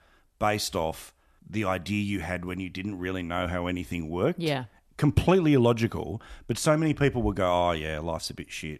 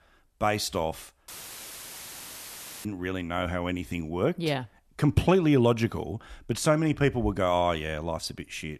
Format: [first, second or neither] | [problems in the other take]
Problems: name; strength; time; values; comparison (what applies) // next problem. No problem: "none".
first | audio cutting out; filled with static; at 1.5 s for 1.5 s